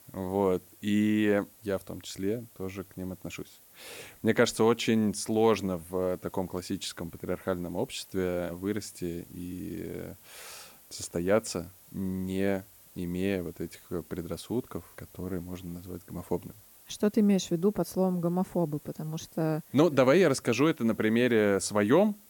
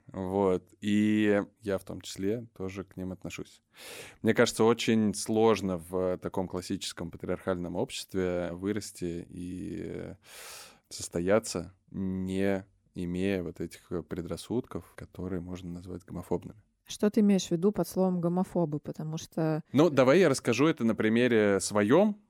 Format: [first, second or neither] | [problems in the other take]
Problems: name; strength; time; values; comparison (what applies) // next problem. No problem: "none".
second | hiss; faint; throughout; 25 dB below the speech